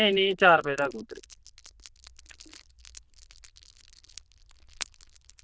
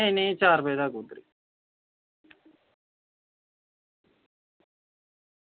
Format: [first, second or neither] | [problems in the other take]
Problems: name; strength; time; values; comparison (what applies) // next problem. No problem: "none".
second | noise reduction (neural diffusion model UNIVERSE++)